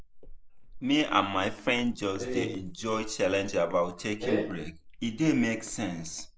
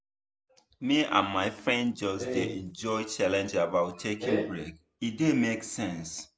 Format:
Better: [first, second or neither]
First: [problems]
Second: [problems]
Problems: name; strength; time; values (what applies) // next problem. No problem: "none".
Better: second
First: noise reduction (neural mask model Resemble Enhance denoiser)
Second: none